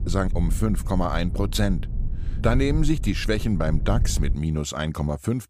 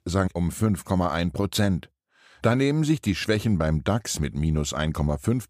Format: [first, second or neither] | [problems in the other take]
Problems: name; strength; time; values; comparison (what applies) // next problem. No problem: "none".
second | low rumble; noticeable; until 4.5 s; 15 dB below the speech